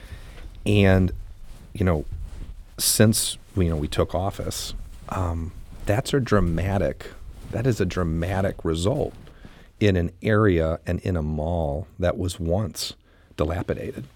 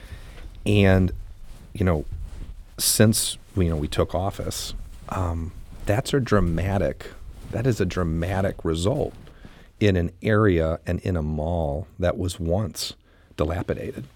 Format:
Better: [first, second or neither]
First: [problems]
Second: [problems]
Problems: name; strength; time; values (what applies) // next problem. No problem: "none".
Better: neither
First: footsteps; faint; until 9.5 s; peak 10 dB below the speech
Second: footsteps; faint; until 9.5 s; peak 10 dB below the speech